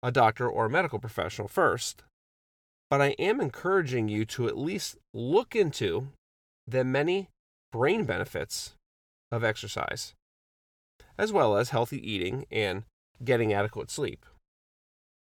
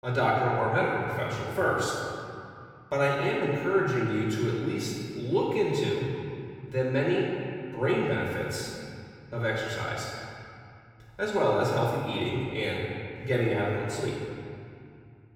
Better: first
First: none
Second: room echo; noticeable; dies away in 2.3 s // off-mic speech; far

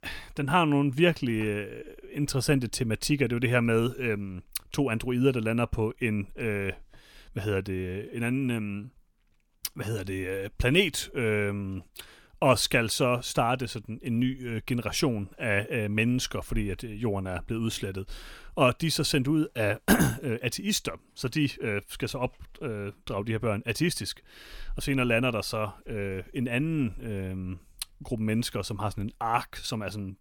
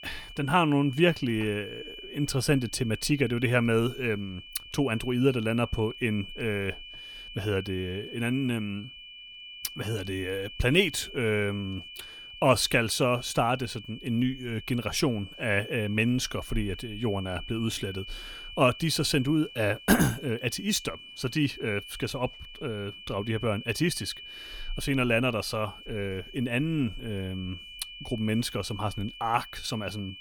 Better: first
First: none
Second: high-pitched whine; noticeable; throughout; 3 kHz, 15 dB below the speech

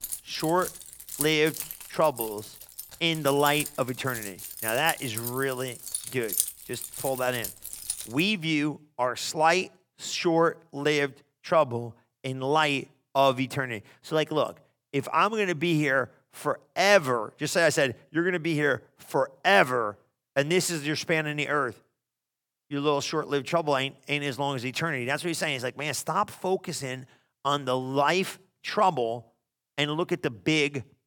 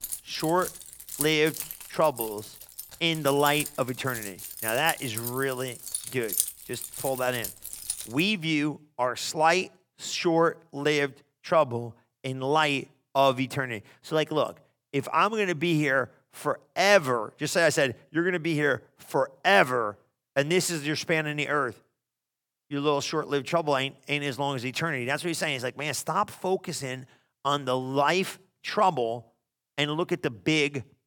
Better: neither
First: jangling keys; noticeable; until 8 s; peak level with the speech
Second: jangling keys; noticeable; until 8 s; peak level with the speech

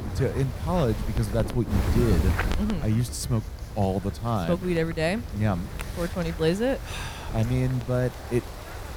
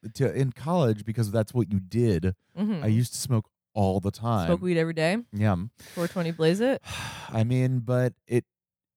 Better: second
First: wind noise on the microphone; heavy; 8 dB below the speech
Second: none

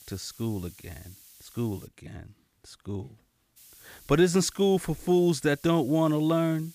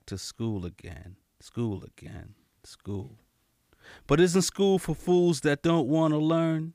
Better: second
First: hiss; faint; until 2 s and from 3.5 s on; 25 dB below the speech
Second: none

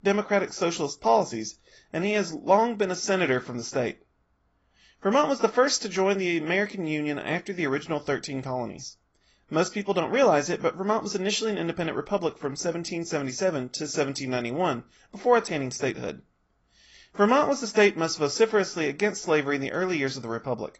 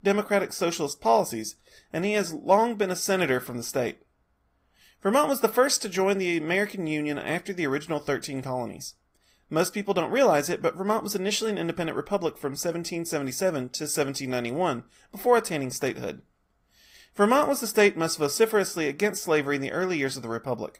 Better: second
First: garbled, watery; badly; nothing above 7.5 kHz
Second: garbled, watery; slightly; nothing above 15.5 kHz

